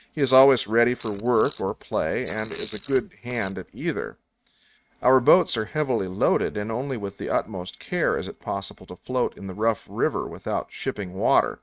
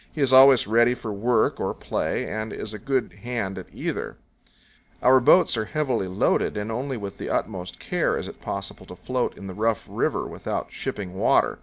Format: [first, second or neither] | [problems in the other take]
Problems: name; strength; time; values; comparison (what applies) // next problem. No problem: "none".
second | noise reduction (neural mask model RNNoise)